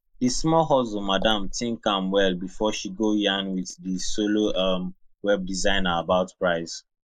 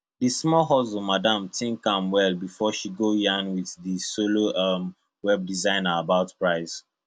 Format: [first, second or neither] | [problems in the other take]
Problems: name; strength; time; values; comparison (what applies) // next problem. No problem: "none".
second | noise reduction (neural mask model Resemble Enhance denoiser)